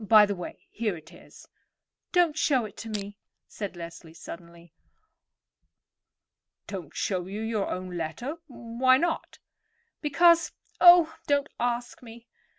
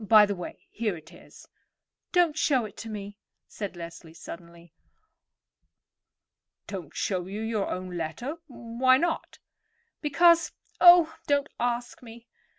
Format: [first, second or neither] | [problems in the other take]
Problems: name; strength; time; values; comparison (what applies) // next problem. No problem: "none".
second | background sound (Crushing); 12 dB below the speech